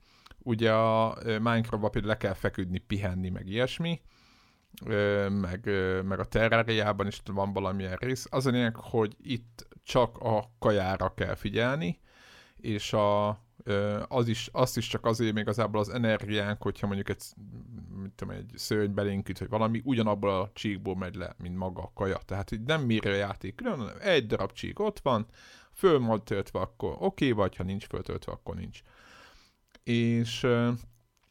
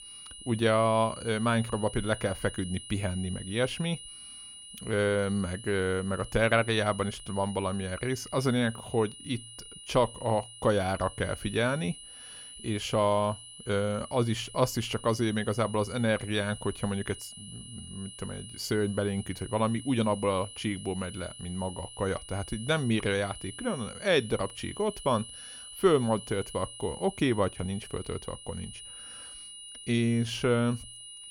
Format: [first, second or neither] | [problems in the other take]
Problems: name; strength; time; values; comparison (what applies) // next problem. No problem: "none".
first | high-pitched whine; noticeable; throughout; 3 kHz, 15 dB below the speech